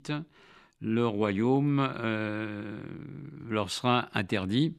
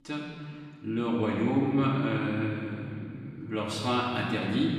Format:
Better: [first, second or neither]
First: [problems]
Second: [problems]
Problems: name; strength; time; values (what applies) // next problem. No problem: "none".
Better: first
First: none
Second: off-mic speech; far // room echo; noticeable; dies away in 2 s